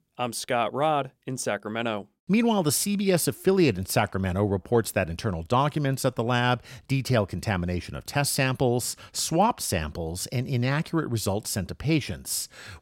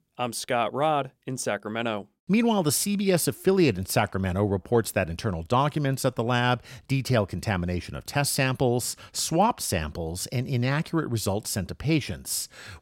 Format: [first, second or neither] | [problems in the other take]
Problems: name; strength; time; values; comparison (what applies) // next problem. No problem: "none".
neither | none